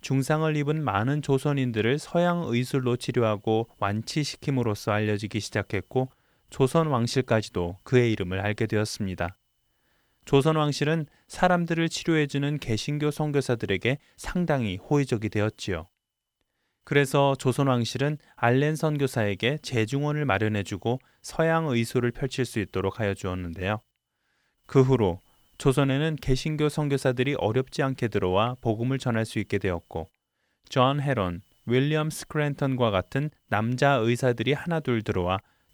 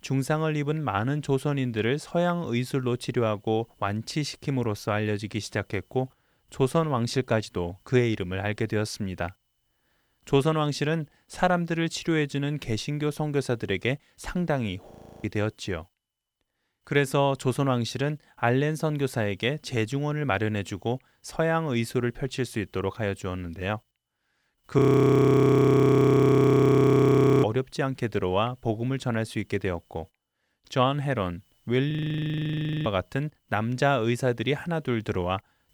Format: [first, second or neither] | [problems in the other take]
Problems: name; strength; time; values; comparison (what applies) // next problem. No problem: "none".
first | audio freezing; at 15 s, at 25 s for 2.5 s and at 32 s for 1 s